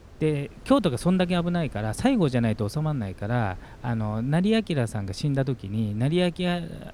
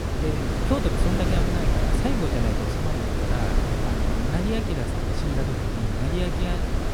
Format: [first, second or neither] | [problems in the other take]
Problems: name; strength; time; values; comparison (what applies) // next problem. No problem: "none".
first | wind noise on the microphone; heavy; 3 dB above the speech; occasional gusts in the first